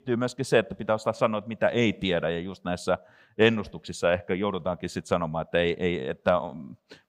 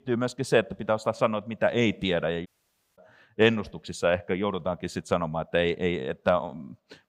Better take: first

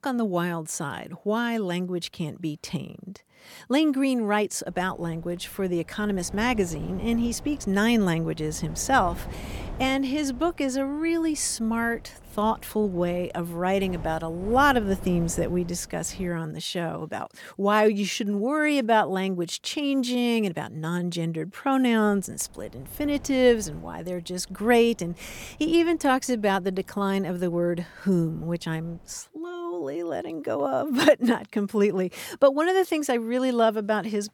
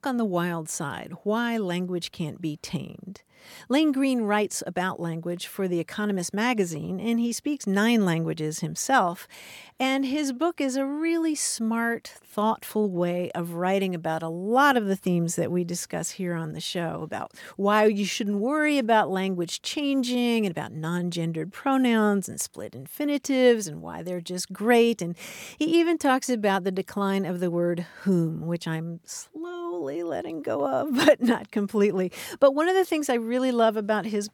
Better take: second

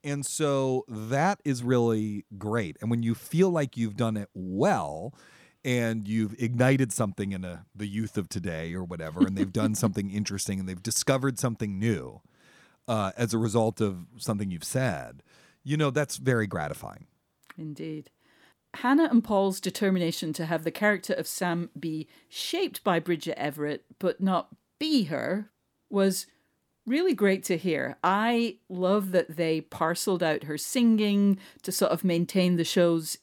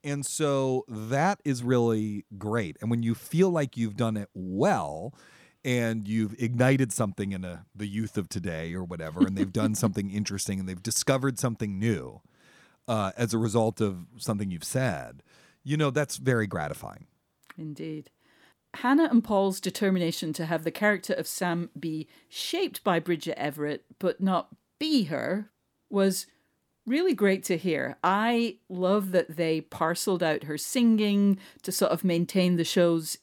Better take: neither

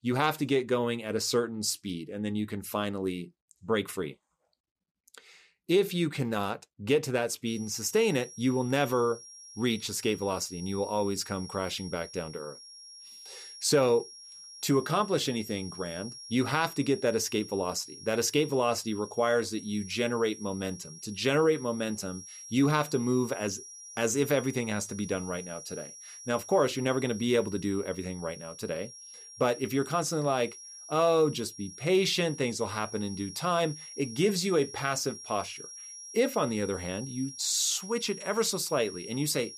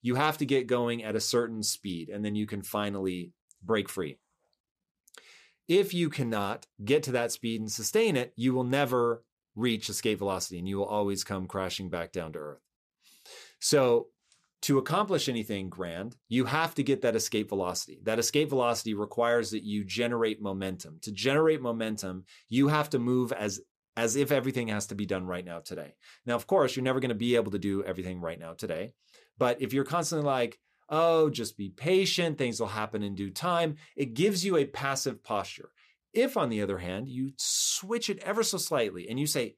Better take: second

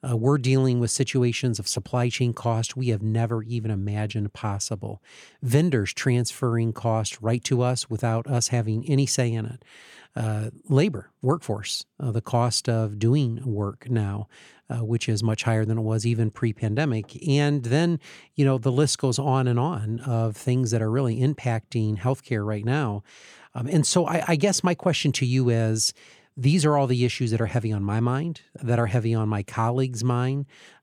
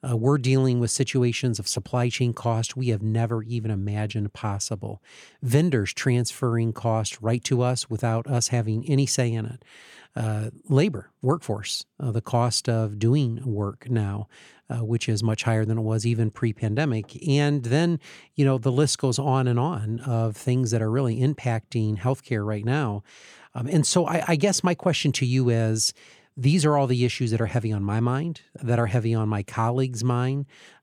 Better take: neither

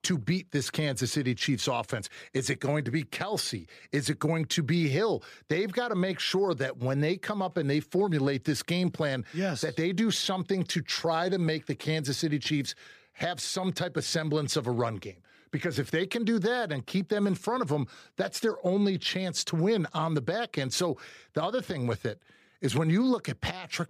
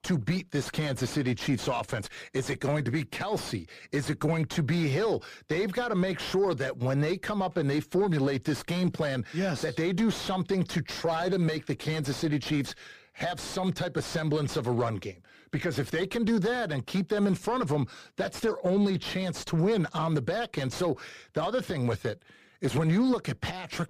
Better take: first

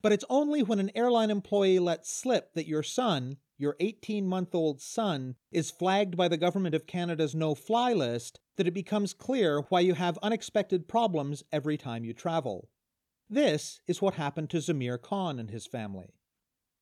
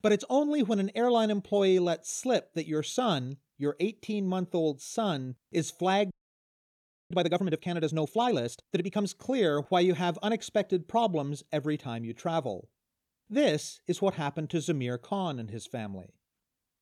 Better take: first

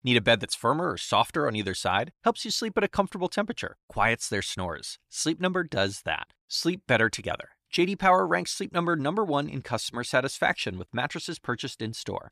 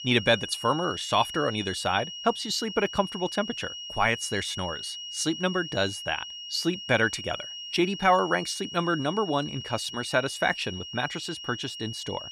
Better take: first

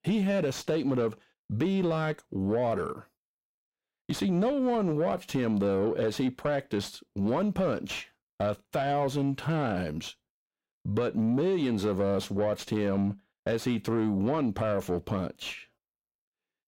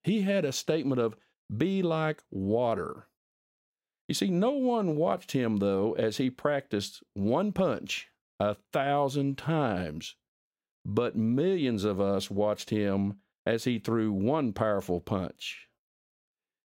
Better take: second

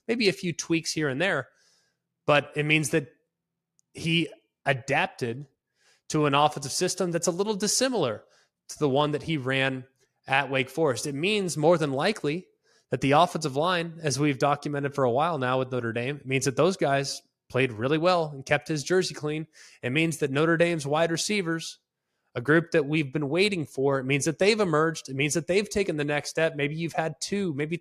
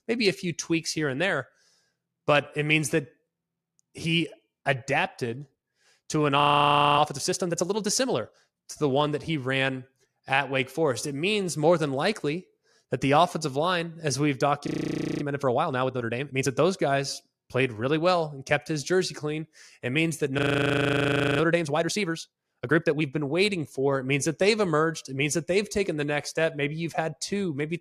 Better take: first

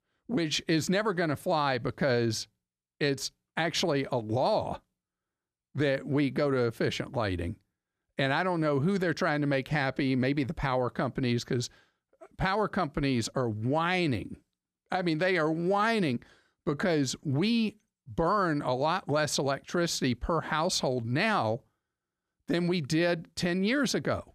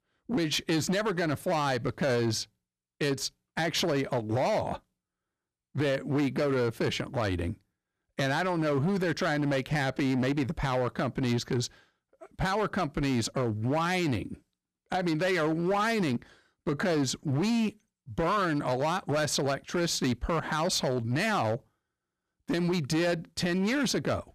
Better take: first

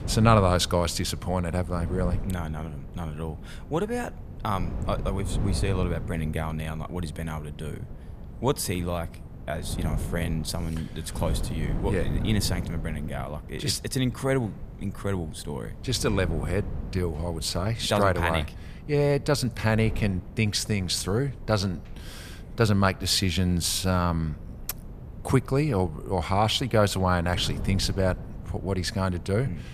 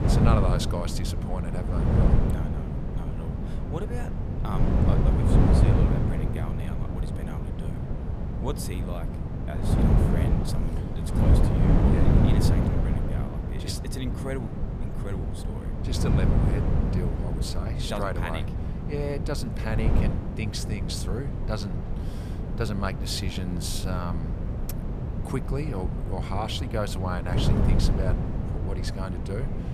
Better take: first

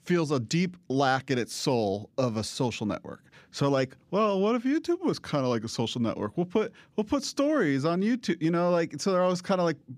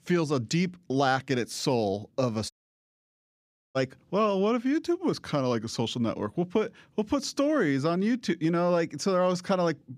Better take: first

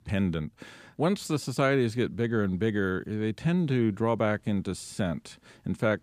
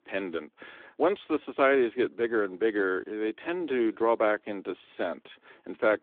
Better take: first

